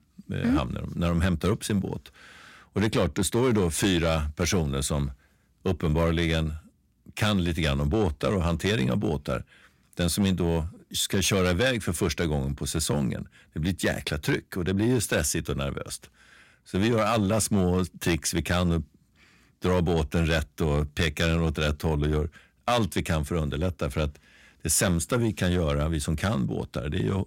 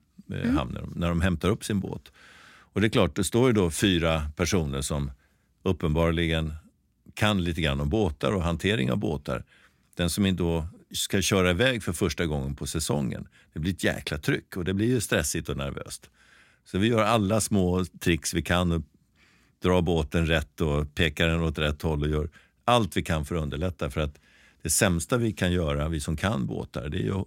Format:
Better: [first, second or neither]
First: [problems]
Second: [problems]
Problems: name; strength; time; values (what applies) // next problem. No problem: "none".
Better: second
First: distortion; slight; 10 dB below the speech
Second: none